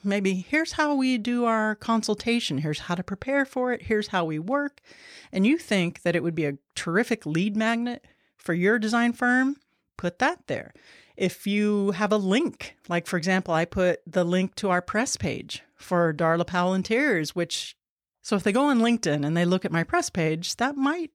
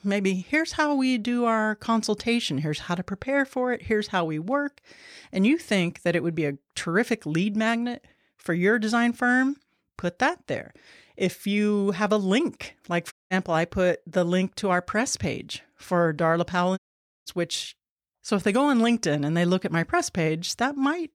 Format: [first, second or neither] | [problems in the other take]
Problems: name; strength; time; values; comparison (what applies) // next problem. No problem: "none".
first | audio cutting out; at 13 s and at 17 s